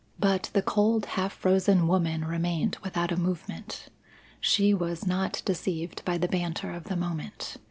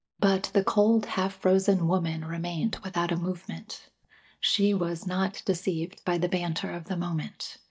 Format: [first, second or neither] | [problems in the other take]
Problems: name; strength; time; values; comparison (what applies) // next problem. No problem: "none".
first | noise reduction (neural mask model DeepFilterNet 3)